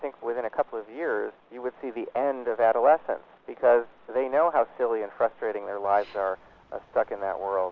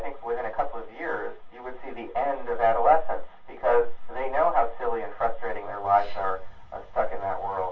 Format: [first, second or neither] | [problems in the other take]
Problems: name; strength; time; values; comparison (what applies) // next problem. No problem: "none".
first | room echo; dies away in 0.2 s